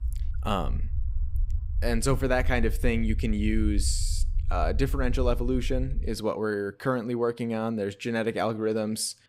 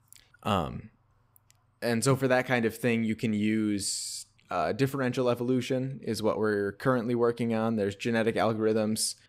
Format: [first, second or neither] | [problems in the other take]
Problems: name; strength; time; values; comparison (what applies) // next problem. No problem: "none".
second | low rumble; faint; until 6 s; 20 dB below the speech